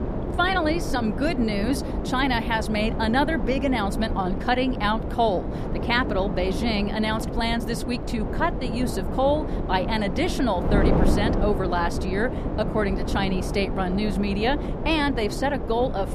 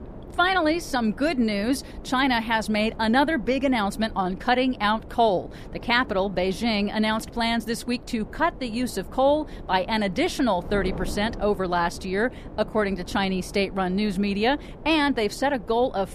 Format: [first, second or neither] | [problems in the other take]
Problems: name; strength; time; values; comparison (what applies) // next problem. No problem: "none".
second | wind noise on the microphone; heavy; 7 dB below the speech; occasional gusts in the second